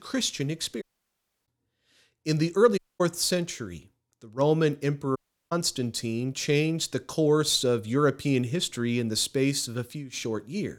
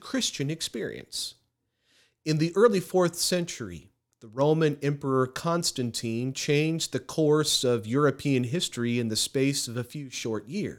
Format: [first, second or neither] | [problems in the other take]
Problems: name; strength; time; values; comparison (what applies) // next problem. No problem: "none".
second | audio cutting out; at 1 s for 0.5 s, at 3 s and at 5 s